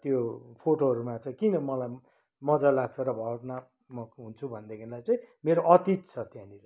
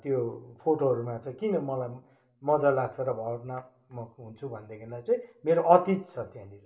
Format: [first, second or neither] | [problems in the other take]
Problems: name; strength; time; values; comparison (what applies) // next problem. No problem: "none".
first | room echo; dies away in 0.4 s